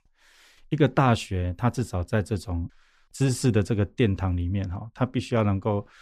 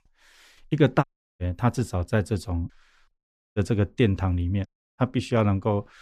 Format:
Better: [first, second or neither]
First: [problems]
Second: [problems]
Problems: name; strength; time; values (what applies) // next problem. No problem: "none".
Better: first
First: none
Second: audio cutting out; at 1 s, at 3 s and at 4.5 s